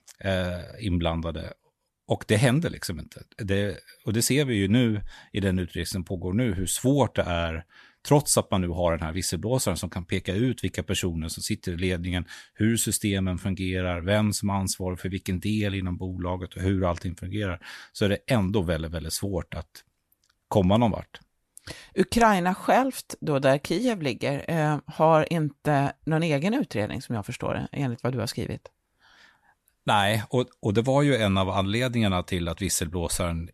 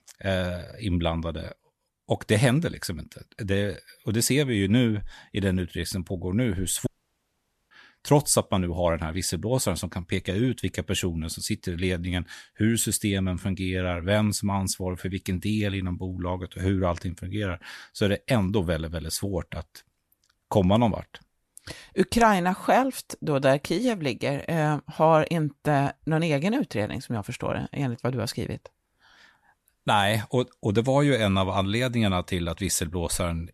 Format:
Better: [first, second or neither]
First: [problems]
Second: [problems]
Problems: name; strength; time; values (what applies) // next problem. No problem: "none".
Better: first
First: none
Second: audio cutting out; at 7 s for 1 s